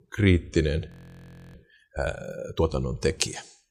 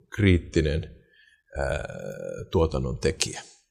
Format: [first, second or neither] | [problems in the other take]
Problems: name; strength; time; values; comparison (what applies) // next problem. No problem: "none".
second | audio freezing; at 1 s for 0.5 s